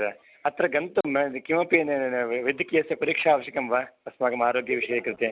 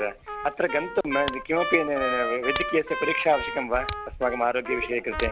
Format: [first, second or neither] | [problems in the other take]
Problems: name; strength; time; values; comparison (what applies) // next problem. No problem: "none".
first | background sound (Trumpet + Tick); 6 dB below the speech